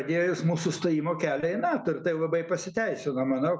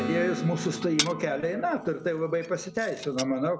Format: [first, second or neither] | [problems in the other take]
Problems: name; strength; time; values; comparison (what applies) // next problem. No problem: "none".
first | background sound (Glass + Acoustic guitar / Strum); 7 dB below the speech